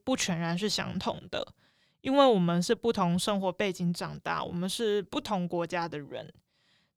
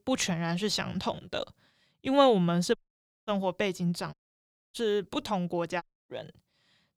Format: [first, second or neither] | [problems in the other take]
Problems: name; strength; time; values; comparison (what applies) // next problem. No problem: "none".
first | audio cutting out; at 3 s for 0.5 s, at 4 s for 0.5 s and at 6 s